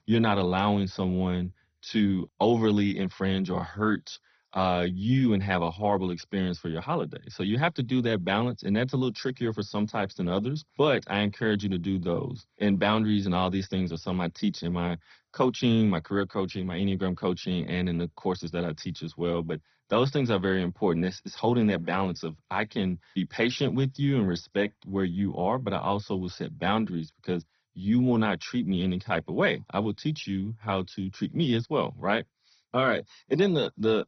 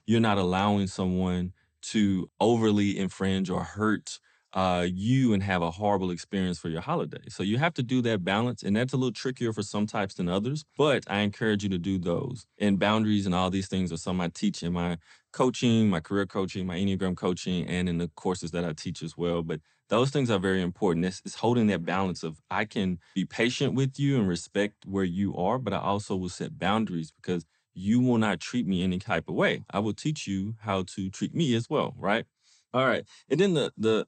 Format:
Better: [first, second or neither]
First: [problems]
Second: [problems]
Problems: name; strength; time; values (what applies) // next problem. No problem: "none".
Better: second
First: garbled, watery; badly; nothing above 6 kHz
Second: garbled, watery; slightly; nothing above 8.5 kHz